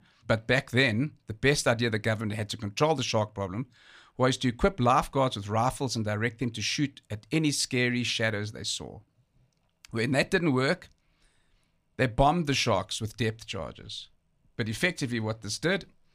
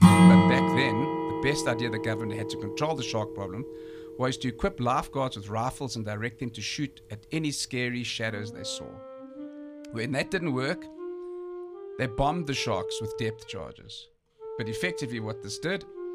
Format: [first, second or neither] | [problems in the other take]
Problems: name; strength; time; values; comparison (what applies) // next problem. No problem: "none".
first | background music; very loud; throughout; 3 dB above the speech